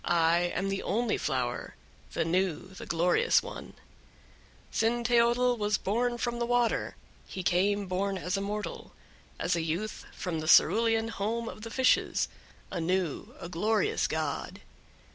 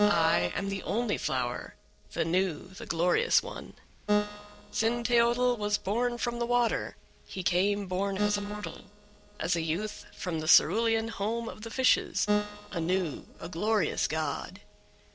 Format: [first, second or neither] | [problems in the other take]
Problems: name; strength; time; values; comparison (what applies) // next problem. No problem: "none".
first | noise reduction (neural separator model SepFormer DNS4)